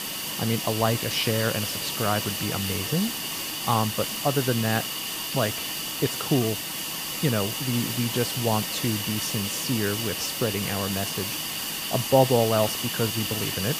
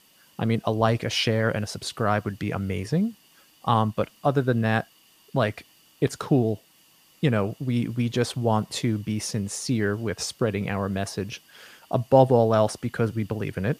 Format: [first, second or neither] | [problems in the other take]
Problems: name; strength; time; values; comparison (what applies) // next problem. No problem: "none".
second | hiss; loud; throughout; 1 dB below the speech; faint in the second